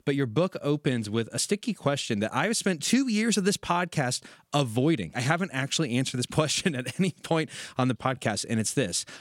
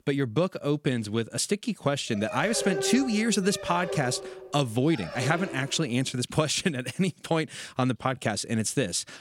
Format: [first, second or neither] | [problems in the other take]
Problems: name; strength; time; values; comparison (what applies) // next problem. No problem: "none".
first | dog barking; noticeable; from 2 to 6 s; peak 3 dB below the speech